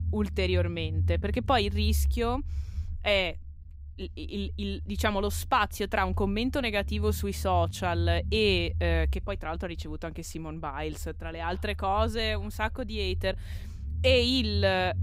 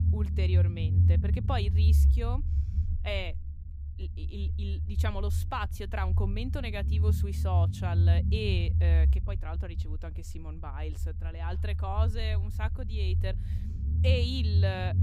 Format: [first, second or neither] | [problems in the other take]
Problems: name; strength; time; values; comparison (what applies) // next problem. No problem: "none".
first | low rumble; loud; throughout; 7 dB below the speech; faint in the first